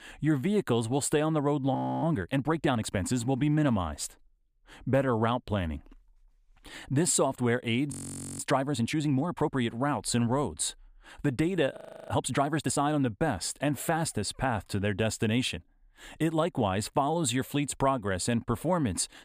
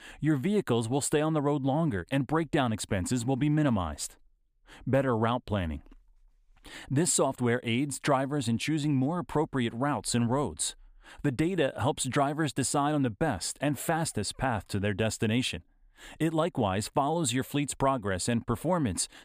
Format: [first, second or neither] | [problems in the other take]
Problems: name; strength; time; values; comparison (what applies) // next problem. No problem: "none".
second | audio freezing; at 2 s, at 8 s and at 12 s